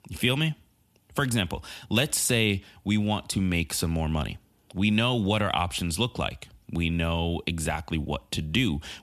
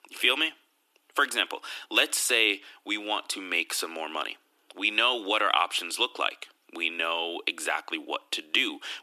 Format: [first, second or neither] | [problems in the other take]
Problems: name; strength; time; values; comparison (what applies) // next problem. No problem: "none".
first | thin; very; fading below 300 Hz